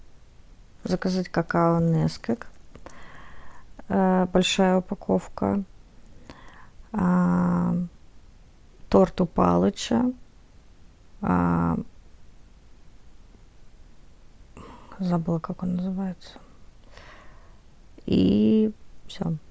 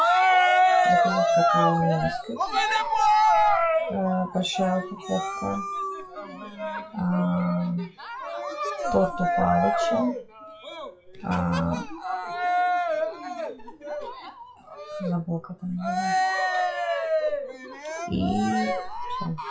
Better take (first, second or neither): first